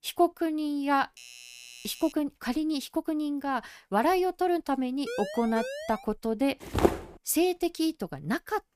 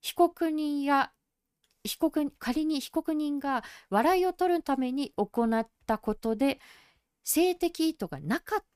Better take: second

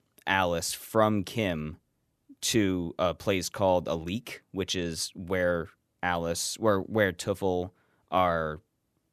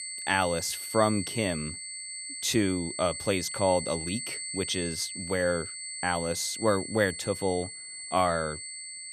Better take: first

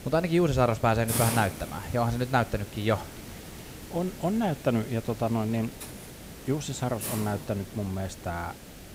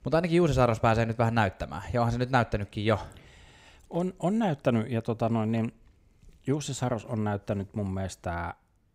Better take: second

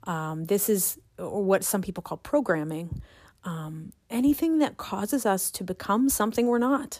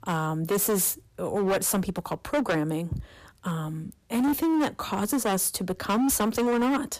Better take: first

